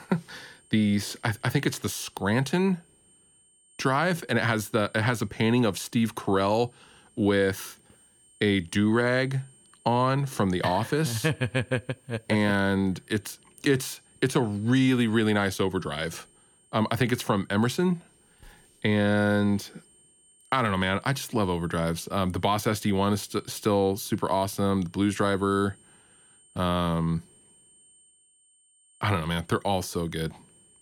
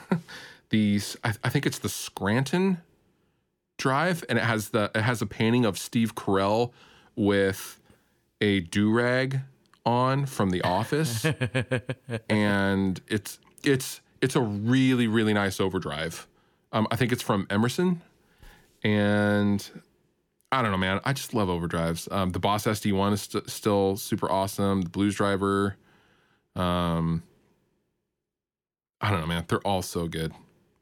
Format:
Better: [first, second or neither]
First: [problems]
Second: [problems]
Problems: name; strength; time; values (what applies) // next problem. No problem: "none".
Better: second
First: high-pitched whine; faint; throughout; 8.5 kHz, 30 dB below the speech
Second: none